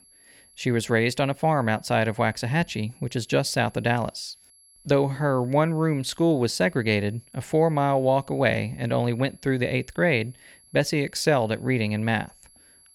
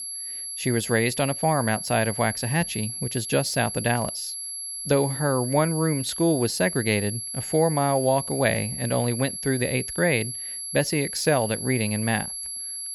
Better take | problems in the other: first | high-pitched whine; loud; throughout; 11 kHz, 6 dB below the speech; faint in the first

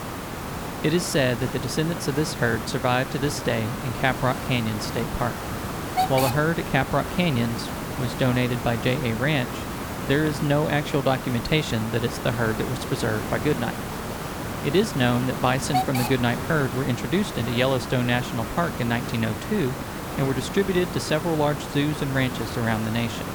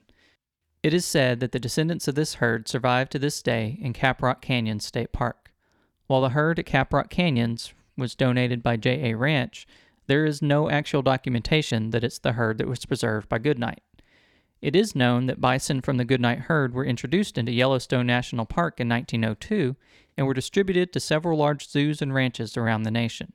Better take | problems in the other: second | hiss; loud; throughout; 6 dB below the speech

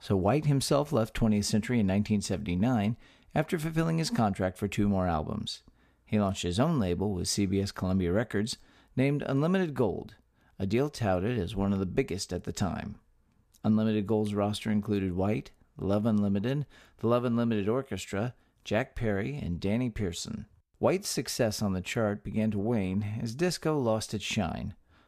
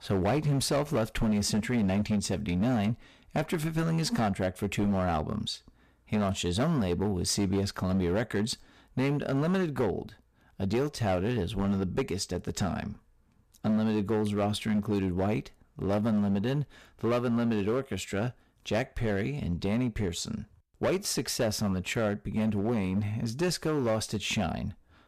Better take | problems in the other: first | distortion; slight; 10% of the sound clipped

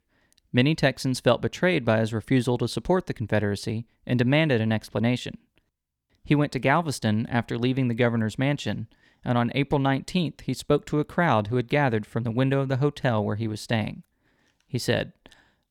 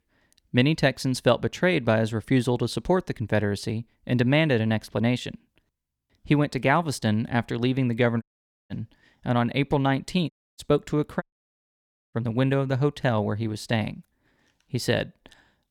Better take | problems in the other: first | audio cutting out; at 8 s, at 10 s and at 11 s for 1 s

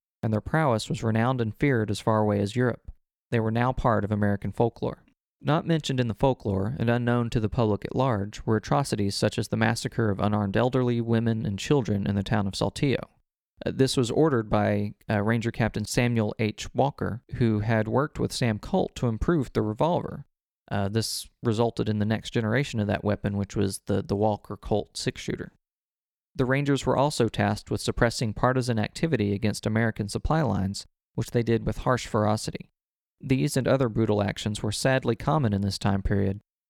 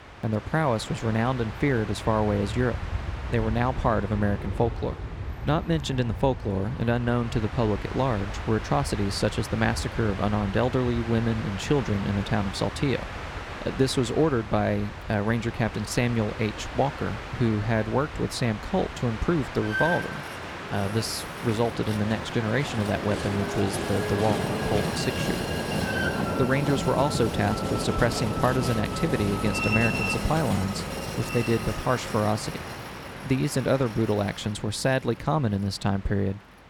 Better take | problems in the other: first | train or aircraft noise; loud; throughout; 6 dB below the speech

